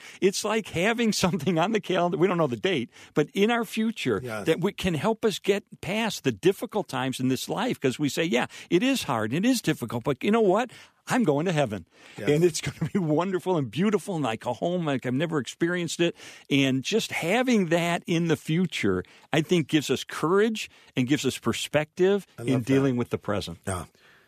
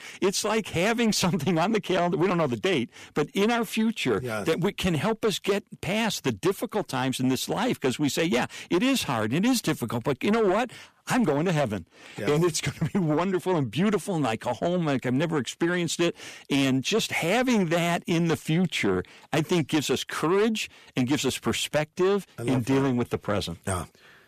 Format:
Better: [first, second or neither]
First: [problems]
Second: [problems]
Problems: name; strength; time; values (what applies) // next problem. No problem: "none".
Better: first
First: none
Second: distortion; slight; 10 dB below the speech